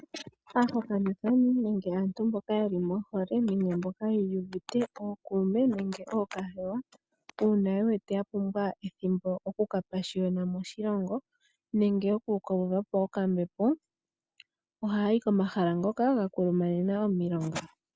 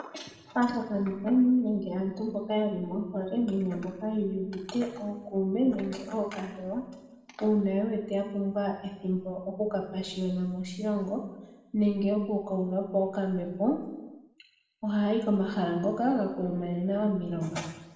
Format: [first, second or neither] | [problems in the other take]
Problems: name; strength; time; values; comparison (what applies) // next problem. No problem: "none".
first | room echo; dies away in 0.9 s